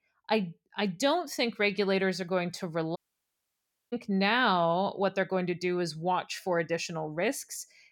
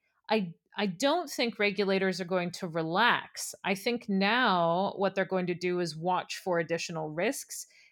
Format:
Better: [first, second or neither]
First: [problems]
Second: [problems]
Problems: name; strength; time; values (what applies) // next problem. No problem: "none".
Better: second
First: audio cutting out; at 3 s for 1 s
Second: none